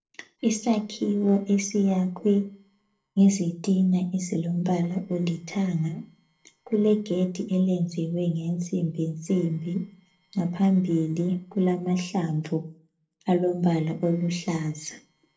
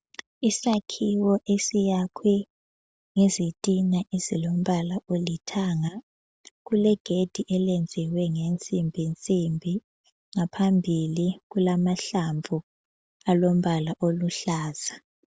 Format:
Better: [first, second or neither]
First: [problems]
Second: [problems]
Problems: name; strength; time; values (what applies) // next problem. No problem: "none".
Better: second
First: noise reduction (neural separator model SepFormer DNS4)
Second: none